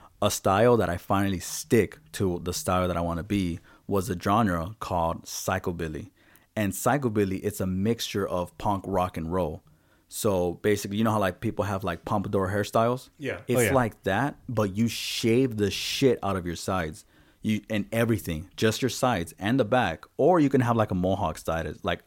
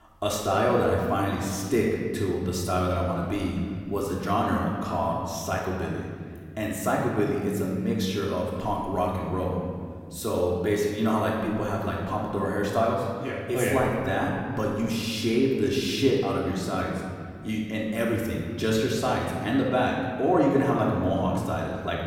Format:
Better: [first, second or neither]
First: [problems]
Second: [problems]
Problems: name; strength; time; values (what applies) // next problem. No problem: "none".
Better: first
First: none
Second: off-mic speech; far // room echo; noticeable; dies away in 2 s